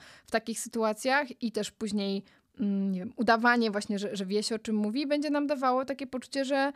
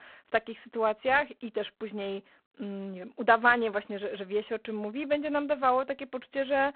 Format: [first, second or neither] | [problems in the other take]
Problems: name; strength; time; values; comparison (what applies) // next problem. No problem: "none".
first | phone-call audio; poor line; nothing above 4 kHz